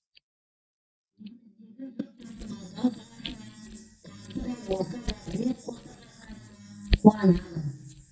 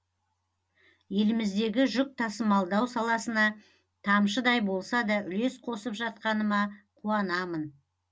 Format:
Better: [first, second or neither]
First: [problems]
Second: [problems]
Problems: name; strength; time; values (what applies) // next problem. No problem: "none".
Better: second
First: noise reduction (neural mask model DeepFilterNet 3)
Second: none